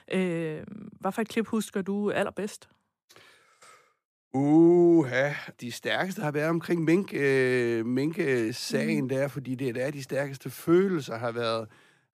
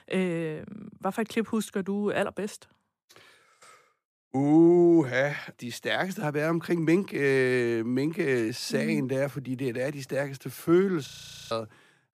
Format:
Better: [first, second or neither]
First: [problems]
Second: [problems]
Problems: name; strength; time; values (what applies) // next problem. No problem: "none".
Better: first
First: none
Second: audio freezing; at 11 s